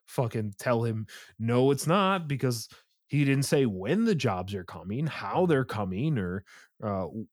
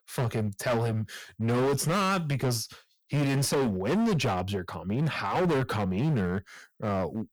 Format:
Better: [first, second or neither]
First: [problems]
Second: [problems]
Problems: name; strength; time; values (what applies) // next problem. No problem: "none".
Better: first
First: none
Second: distortion; heavy; 19% of the sound clipped